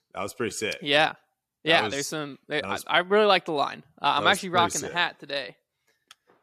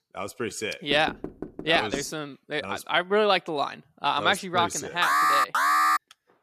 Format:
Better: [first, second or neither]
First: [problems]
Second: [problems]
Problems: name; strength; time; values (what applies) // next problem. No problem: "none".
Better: first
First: none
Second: door banging; faint; from 1 to 2 s; peak 10 dB below the speech // alarm; loud; at 5 s; peak 6 dB above the speech